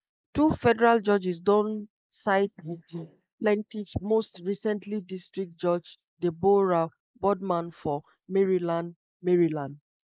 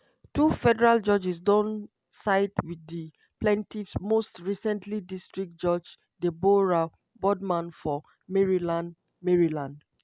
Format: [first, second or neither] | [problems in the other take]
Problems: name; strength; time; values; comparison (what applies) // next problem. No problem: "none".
second | noise reduction (neural mask model Resemble Enhance denoiser)